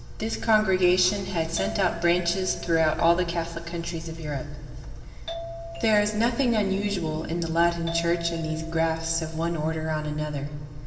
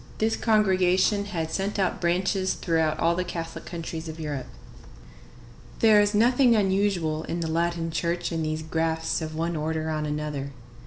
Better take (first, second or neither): second